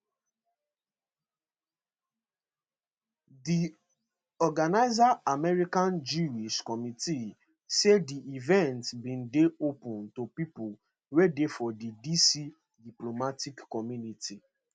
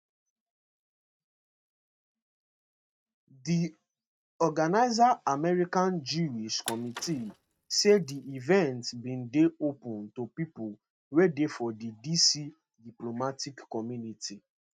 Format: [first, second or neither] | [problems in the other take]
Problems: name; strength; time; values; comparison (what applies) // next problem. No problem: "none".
first | noise reduction (neural mask model RNNoise)